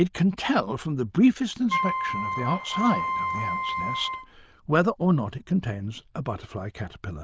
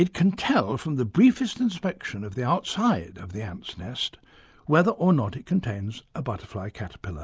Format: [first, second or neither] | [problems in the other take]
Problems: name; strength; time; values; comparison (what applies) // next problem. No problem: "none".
second | noise reduction (neural diffusion model UNIVERSE++)